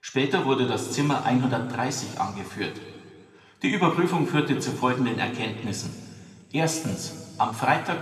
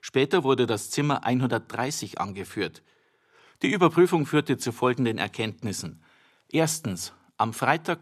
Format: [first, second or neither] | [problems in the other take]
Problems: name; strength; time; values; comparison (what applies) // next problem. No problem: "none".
second | room echo; noticeable; dies away in 1.8 s // off-mic speech; somewhat distant